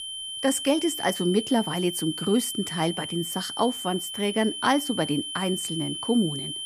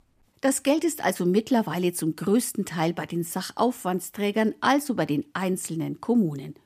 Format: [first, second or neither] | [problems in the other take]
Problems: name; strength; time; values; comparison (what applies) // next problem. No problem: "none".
second | high-pitched whine; loud; throughout; 3 kHz, 6 dB below the speech